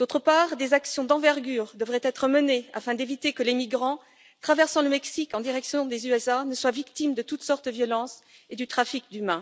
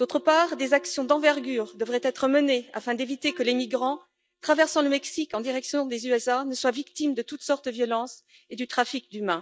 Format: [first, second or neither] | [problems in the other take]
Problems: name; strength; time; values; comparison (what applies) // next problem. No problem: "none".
first | noise reduction (neural mask model DeepFilterNet 3)